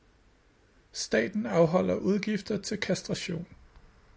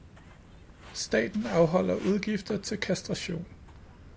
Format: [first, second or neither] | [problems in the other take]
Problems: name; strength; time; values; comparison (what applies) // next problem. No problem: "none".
first | background sound (Walk, footsteps); 19 dB below the speech